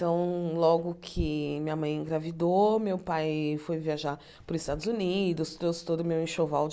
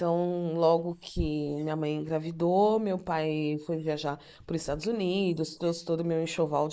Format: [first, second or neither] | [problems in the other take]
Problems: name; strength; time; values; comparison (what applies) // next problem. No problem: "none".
first | noise reduction (neural mask model Resemble Enhance denoiser)